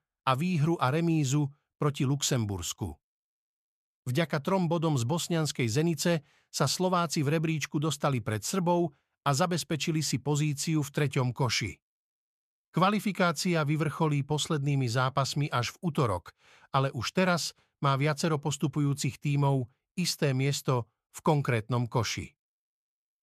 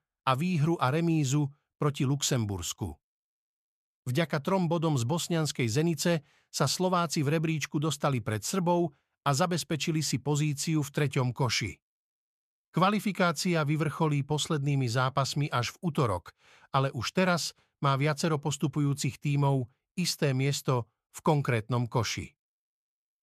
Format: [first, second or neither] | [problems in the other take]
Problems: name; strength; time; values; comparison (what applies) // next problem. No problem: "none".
neither | none